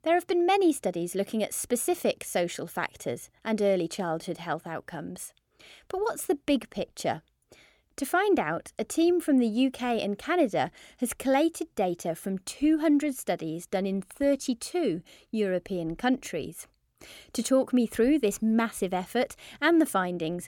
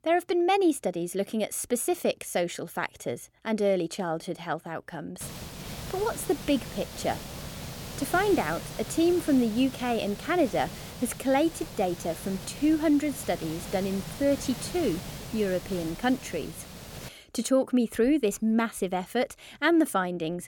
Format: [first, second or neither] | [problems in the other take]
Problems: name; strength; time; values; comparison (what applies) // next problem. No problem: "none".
first | hiss; noticeable; from 5 to 17 s; 10 dB below the speech